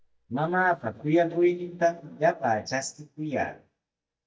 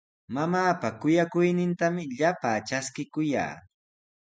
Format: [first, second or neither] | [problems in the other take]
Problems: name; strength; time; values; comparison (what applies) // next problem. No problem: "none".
second | noise reduction (neural mask model DeepFilterNet 3)